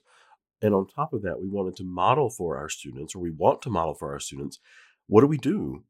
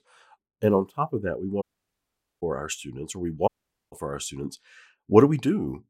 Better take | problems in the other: first | audio cutting out; at 1.5 s for 1 s and at 3.5 s

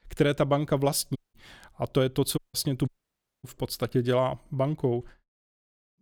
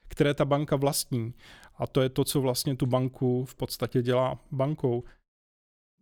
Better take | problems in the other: second | audio cutting out; at 1 s, at 2.5 s and at 3 s for 0.5 s

